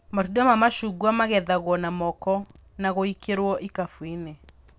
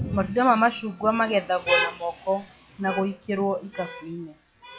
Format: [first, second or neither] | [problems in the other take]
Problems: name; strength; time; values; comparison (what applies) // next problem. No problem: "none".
first | noise reduction (classical method log-MMSE)